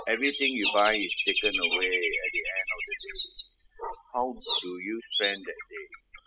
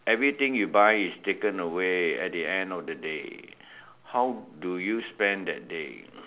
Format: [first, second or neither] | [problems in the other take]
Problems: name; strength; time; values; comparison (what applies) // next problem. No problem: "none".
second | noise reduction (classical method spectral subtraction)